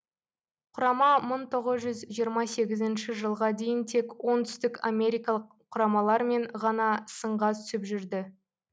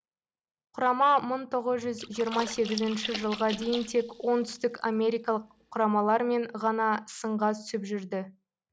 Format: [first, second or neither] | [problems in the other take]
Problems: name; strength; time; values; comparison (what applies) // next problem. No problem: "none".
first | background sound (Splash, splatter); 13 dB below the speech